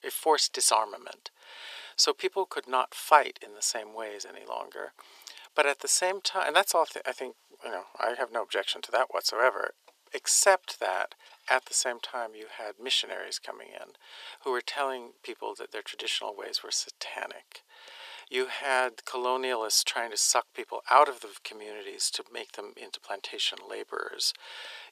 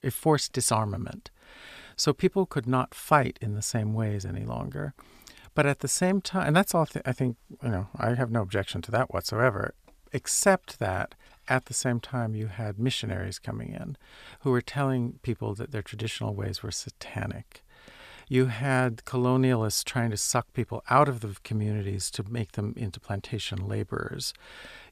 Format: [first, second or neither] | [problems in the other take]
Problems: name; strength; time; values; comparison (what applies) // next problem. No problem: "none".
second | thin; very; fading below 400 Hz